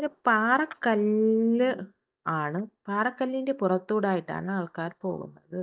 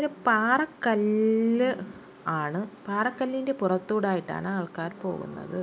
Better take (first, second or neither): second